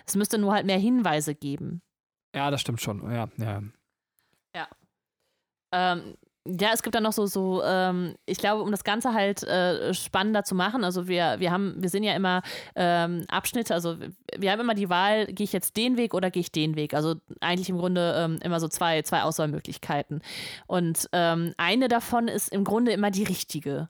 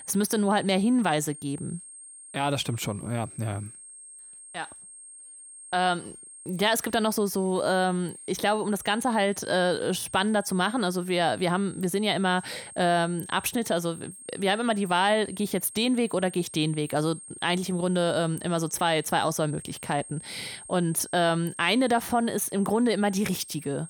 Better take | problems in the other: first | high-pitched whine; noticeable; throughout; 8.5 kHz, 15 dB below the speech

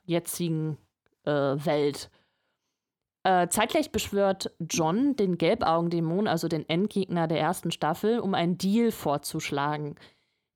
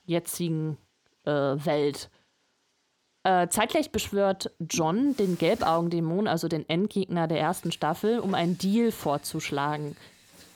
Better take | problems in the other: first | household noises; faint; throughout; 25 dB below the speech

